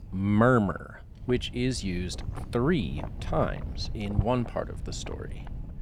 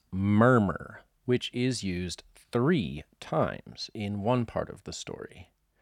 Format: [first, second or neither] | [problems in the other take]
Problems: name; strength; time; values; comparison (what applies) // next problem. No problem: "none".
second | wind noise on the microphone; occasional gusts; 15 dB below the speech